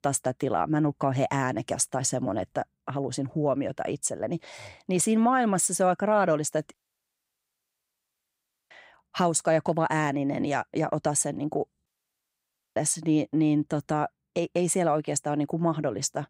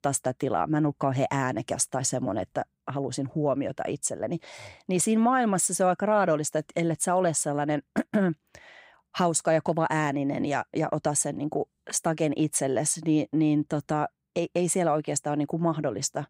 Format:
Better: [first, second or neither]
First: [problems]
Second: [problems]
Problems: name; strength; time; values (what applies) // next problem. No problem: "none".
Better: second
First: audio cutting out; at 6.5 s for 2 s and at 12 s for 1 s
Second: none